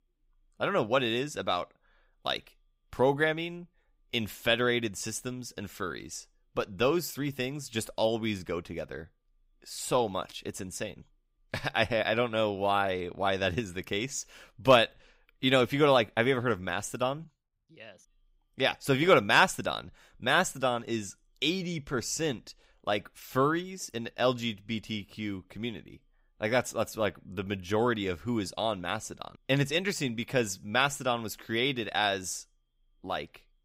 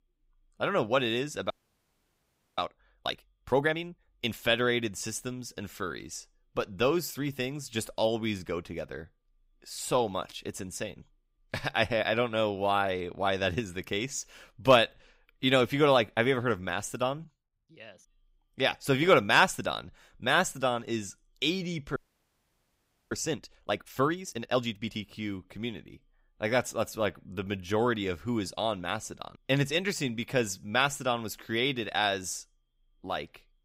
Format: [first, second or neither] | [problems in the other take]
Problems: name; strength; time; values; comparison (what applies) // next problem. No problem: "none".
first | audio freezing; at 1.5 s for 1 s and at 22 s for 1 s